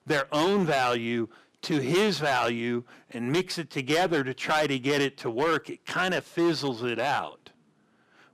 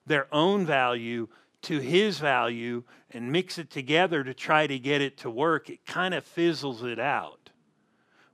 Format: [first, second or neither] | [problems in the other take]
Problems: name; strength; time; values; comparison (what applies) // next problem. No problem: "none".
second | distortion; heavy; 8% of the sound clipped